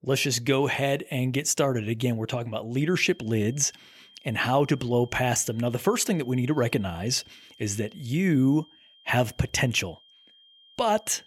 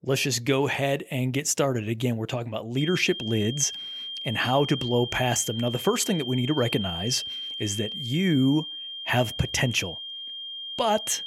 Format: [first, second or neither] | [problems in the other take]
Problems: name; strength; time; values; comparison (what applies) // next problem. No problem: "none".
first | high-pitched whine; loud; from 3 s on; 3 kHz, 7 dB below the speech; faint in the first